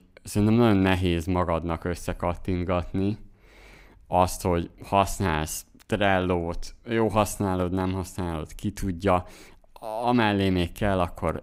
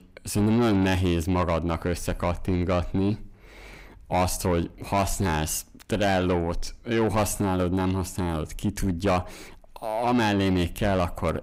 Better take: first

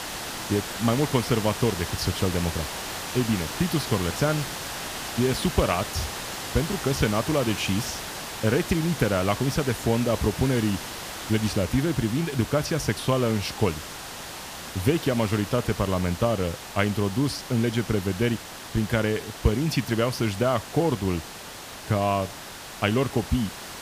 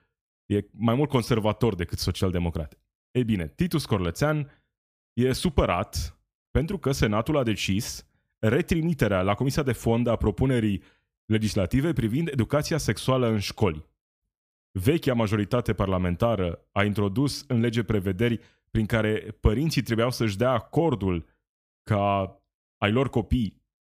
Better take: second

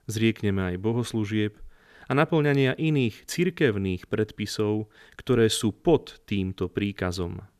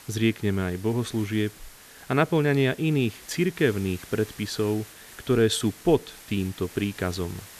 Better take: first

